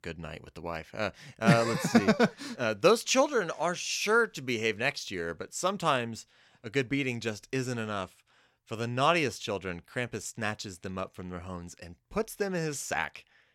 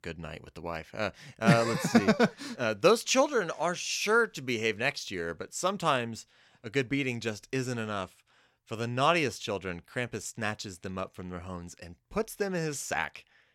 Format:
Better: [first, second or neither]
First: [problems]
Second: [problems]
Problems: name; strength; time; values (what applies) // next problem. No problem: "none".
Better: neither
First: none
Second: none